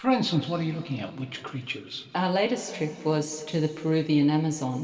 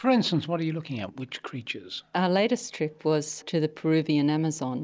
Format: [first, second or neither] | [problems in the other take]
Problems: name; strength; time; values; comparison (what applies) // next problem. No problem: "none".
second | room echo; dies away in 2.4 s